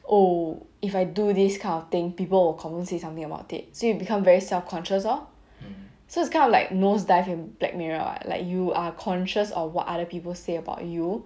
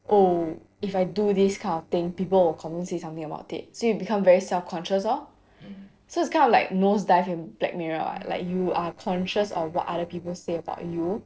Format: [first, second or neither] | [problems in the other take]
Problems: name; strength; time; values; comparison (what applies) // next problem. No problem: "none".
first | noise reduction (neural separator model SepFormer DNS4)